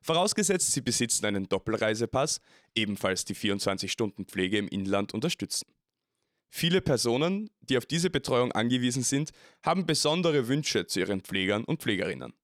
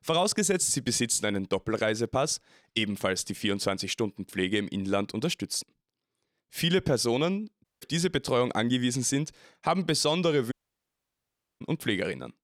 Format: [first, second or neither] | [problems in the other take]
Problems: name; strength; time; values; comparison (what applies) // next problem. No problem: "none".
first | audio cutting out; at 7.5 s and at 11 s for 1 s